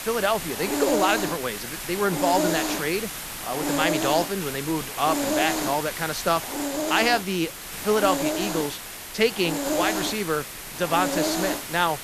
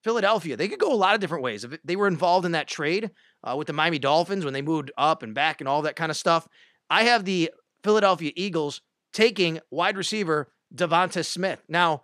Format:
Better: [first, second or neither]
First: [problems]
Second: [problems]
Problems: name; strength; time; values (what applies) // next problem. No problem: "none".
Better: second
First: hiss; loud; throughout; 3 dB below the speech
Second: none